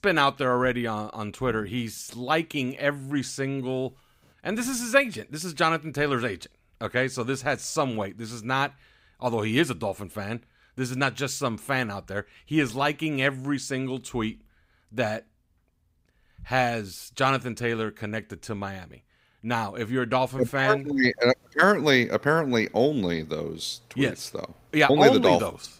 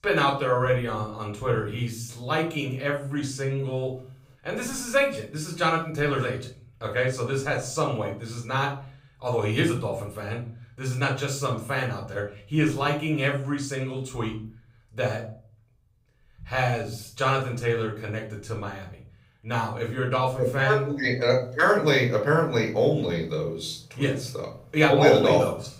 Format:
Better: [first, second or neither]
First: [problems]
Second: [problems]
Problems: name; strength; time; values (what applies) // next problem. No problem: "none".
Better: first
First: none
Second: off-mic speech; far // room echo; slight; dies away in 0.5 s